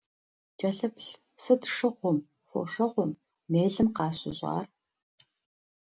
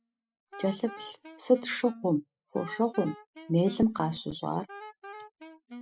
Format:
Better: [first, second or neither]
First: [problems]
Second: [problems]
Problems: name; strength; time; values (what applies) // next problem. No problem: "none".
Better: first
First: none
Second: noise reduction (classical method spectral subtraction)